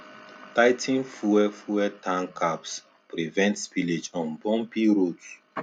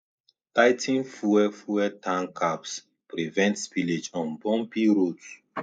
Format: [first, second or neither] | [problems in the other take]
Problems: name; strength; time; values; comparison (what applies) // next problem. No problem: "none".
first | noise reduction (neural mask model Resemble Enhance denoiser)